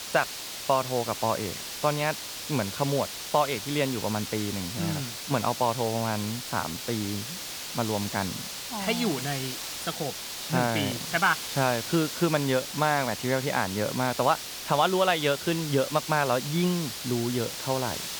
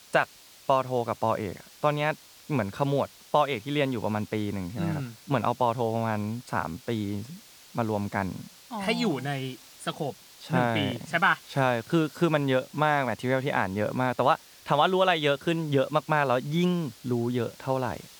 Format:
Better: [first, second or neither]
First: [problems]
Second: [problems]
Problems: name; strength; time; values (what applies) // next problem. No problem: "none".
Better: second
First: hiss; loud; throughout; 6 dB below the speech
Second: hiss; faint; throughout; 20 dB below the speech